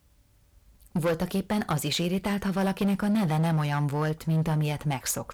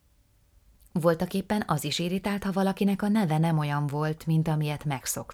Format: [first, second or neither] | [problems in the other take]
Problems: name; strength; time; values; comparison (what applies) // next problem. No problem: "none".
second | distortion; slight; 11% of the sound clipped